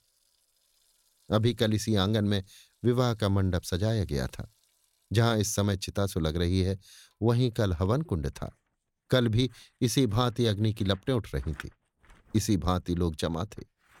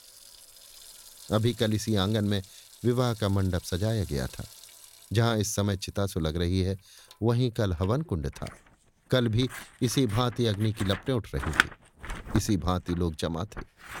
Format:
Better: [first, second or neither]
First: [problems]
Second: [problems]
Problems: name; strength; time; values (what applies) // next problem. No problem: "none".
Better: first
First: household noises; faint; throughout; 30 dB below the speech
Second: household noises; loud; throughout; 10 dB below the speech